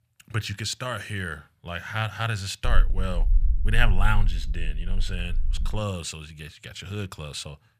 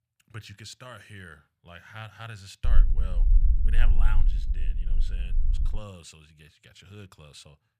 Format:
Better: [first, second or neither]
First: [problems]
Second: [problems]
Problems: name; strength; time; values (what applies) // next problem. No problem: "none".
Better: first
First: low rumble; faint; from 2.5 to 6 s; 20 dB below the speech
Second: low rumble; loud; from 2.5 to 6 s; 7 dB below the speech